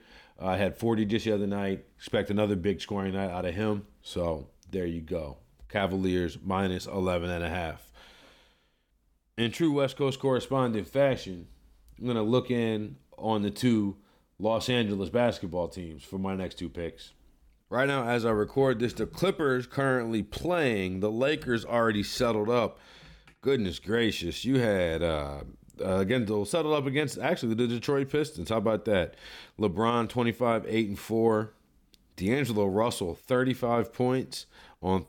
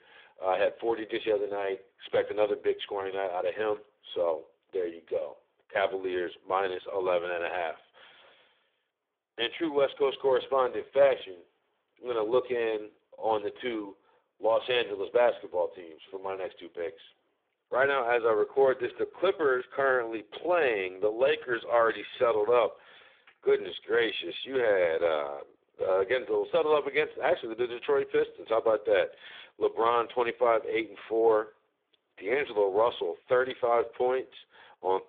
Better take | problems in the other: first | phone-call audio; poor line; nothing above 3.5 kHz

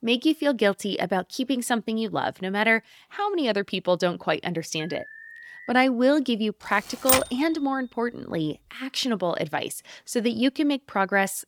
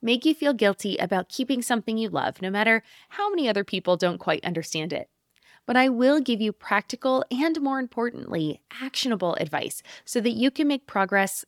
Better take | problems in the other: second | alarm; faint; at 5 s; peak 15 dB below the speech // keyboard typing; loud; at 7 s; peak 4 dB above the speech

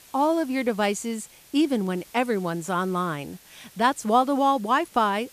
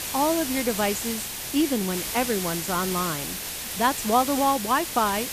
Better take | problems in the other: first | hiss; loud; throughout; 4 dB below the speech; faint in the first

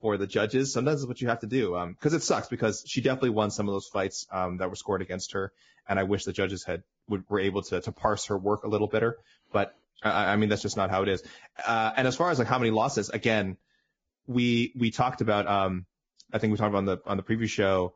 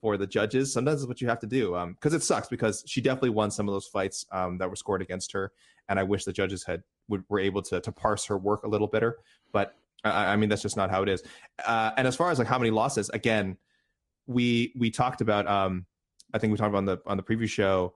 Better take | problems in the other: second | garbled, watery; badly; nothing above 7.5 kHz; slightly in the second

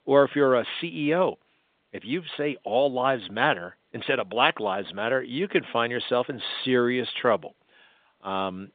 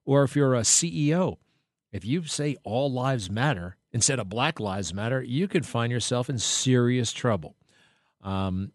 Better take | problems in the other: second | phone-call audio; nothing above 3.5 kHz

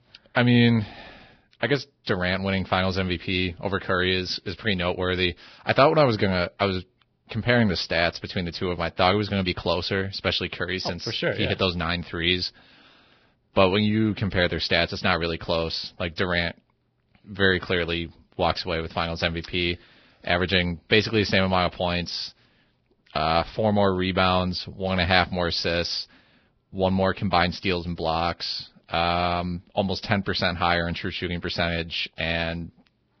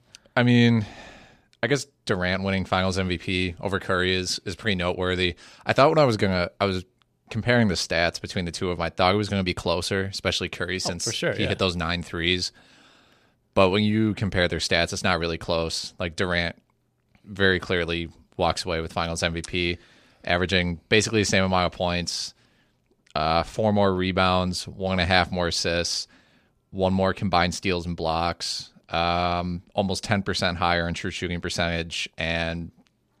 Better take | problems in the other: second | garbled, watery; badly; nothing above 5.5 kHz

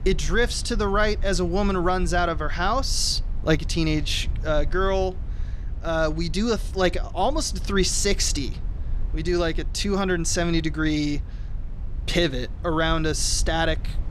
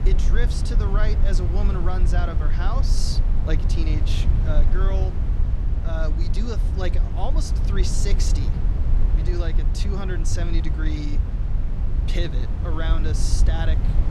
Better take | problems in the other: first | low rumble; loud; throughout; 5 dB below the speech; faint in the first

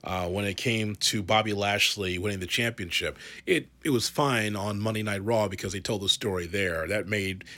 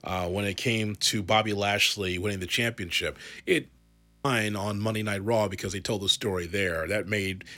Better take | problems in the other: first | audio freezing; at 4 s

